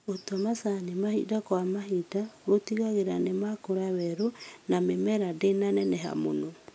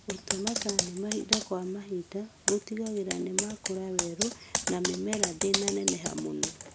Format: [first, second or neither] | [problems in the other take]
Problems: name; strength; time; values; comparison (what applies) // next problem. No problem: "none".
first | background sound (Computer keyboard); as loud as the speech